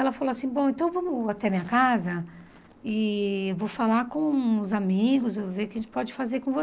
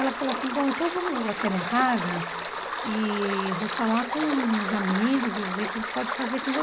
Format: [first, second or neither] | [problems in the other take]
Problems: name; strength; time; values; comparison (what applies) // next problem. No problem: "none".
first | background sound (Stream); 4 dB below the speech